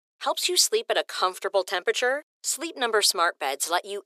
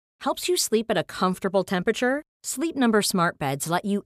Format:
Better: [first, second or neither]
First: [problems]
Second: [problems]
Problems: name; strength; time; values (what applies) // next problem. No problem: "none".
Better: second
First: thin; very; fading below 400 Hz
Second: none